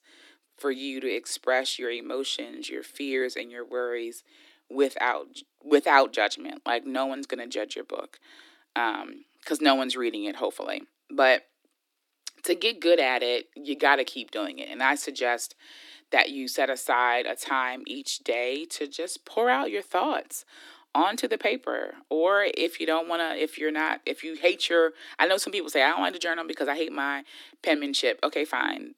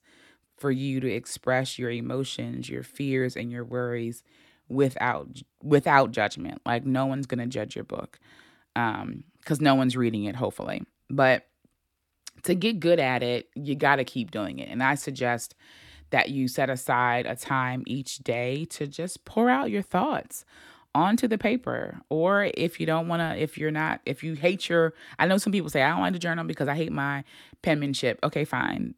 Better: second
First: thin; somewhat; fading below 300 Hz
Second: none

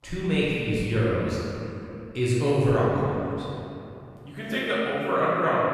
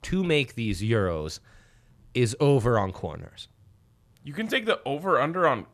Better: second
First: room echo; strong; dies away in 2.7 s // off-mic speech; far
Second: none

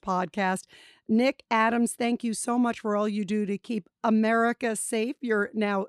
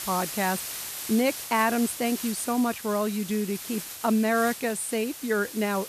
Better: first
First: none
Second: hiss; loud; throughout; 8 dB below the speech

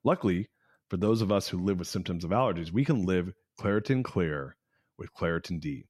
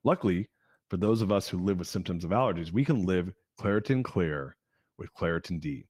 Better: first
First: none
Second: garbled, watery; slightly; nothing above 16 kHz

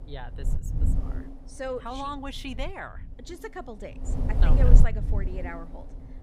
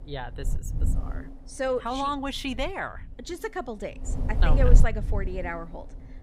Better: second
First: wind noise on the microphone; heavy; 6 dB below the speech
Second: wind noise on the microphone; occasional gusts; 10 dB below the speech

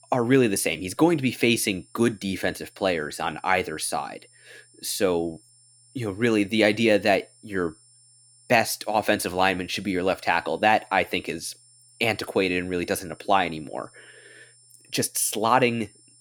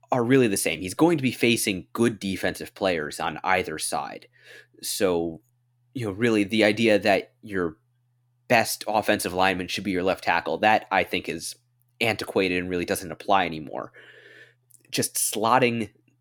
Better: second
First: high-pitched whine; faint; throughout; 9.5 kHz, 30 dB below the speech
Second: none

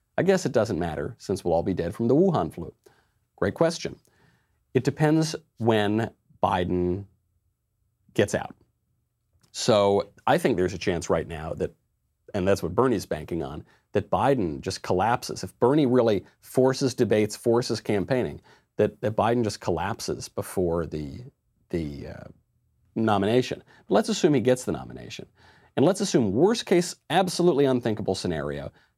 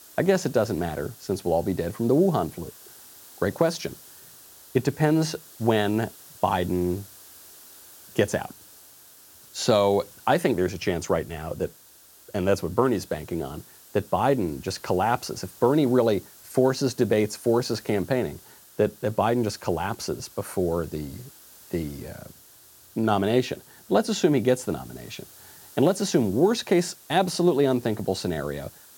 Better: first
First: none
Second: hiss; faint; throughout; 20 dB below the speech

